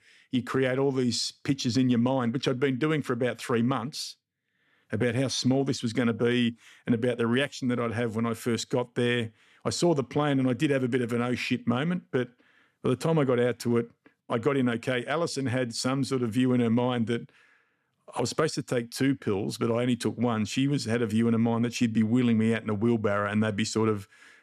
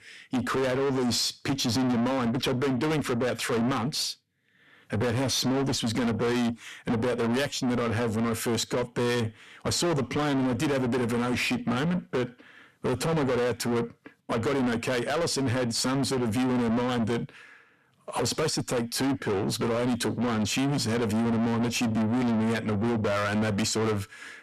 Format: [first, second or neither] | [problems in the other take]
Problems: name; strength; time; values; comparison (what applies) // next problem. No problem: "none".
first | distortion; heavy; 6 dB below the speech